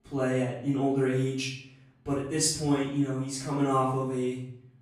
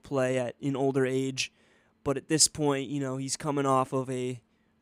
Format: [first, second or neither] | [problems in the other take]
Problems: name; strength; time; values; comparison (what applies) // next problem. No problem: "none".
second | off-mic speech; far // room echo; noticeable; dies away in 0.6 s